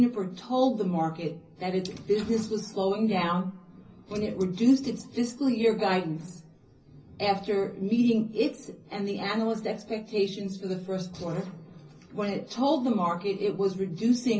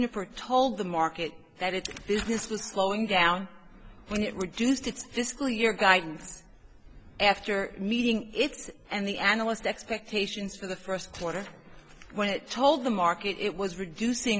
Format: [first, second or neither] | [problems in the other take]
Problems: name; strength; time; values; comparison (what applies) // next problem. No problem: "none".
second | room echo; dies away in 0.5 s